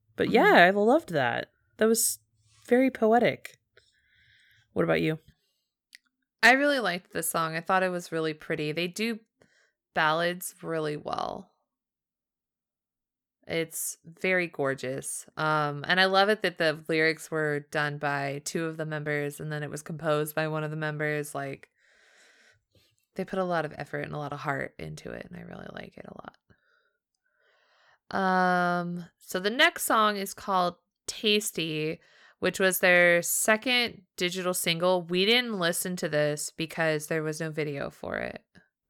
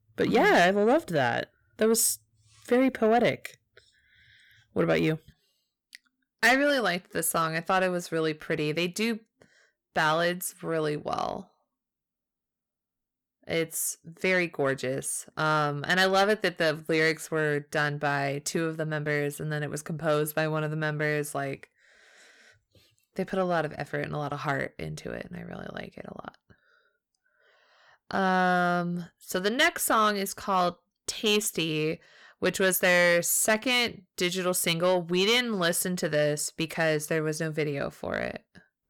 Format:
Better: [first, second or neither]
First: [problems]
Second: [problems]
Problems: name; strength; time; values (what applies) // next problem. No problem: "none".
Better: first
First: none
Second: distortion; slight; 10 dB below the speech